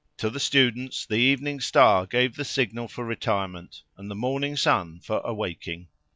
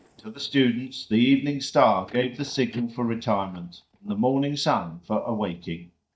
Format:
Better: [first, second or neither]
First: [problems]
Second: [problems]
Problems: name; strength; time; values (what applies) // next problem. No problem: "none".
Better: first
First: none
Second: noise reduction (neural mask model DeepFilterNet 3)